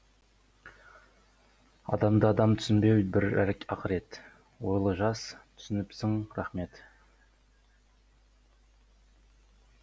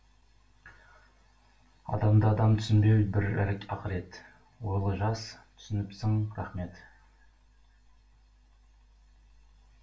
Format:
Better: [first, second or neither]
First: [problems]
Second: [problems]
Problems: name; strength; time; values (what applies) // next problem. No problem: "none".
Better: first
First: none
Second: room echo; dies away in 0.3 s